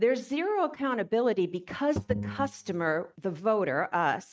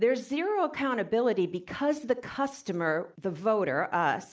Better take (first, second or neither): second